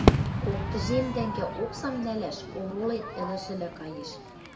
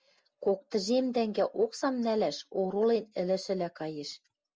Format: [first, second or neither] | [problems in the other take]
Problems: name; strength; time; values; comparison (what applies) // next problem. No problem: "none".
second | background sound (Crowd / Fireworks); 3 dB above the speech // room echo; dies away in 0.9 s